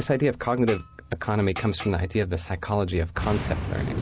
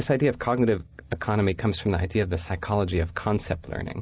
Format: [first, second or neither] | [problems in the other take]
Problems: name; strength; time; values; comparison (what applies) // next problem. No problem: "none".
second | background sound (Boom); 9 dB below the speech